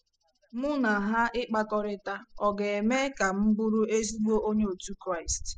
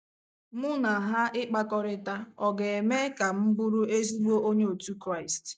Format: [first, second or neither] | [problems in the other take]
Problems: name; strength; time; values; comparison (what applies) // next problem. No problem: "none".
second | noise reduction (classical method spectral subtraction)